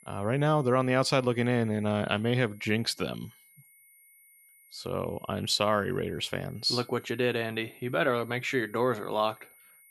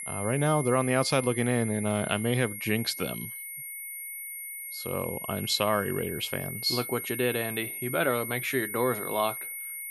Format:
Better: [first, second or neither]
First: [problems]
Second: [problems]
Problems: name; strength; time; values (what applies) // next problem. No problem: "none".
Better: first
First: high-pitched whine; faint; throughout; 2 kHz, 25 dB below the speech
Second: high-pitched whine; loud; throughout; 2 kHz, 7 dB below the speech